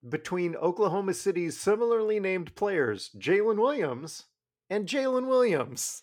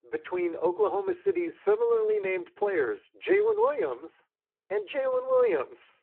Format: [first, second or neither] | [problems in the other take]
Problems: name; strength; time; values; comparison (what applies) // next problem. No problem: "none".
first | phone-call audio; poor line